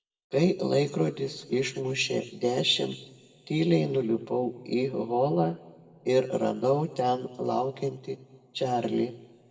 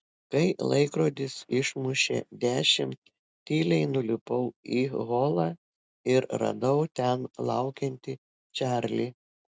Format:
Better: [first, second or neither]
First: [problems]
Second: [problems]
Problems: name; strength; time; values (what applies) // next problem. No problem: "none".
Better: second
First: room echo; dies away in 1.1 s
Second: none